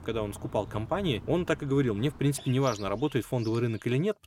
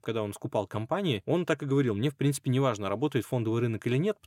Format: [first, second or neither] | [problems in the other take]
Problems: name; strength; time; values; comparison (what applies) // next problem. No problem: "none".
second | animal sounds; noticeable; until 3.5 s; 15 dB below the speech